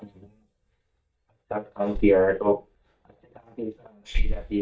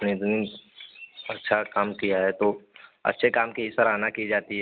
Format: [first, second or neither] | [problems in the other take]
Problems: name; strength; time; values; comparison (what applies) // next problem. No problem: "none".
second | noise reduction (neural mask model DeepFilterNet 3)